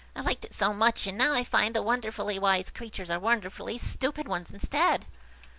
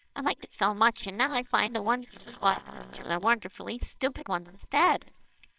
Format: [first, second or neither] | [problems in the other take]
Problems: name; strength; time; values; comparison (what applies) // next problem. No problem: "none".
first | noise reduction (neural separator model SepFormer WHAMR!)